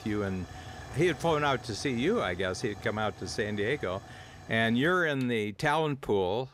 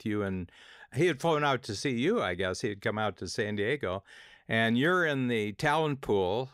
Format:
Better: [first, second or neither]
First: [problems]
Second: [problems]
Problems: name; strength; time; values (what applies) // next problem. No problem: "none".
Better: second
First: hiss; noticeable; throughout; 15 dB below the speech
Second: none